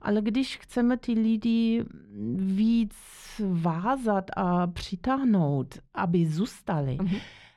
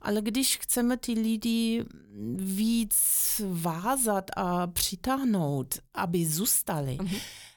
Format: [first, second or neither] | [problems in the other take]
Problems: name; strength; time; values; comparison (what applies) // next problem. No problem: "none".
second | muffled; slightly; fading above 2.5 kHz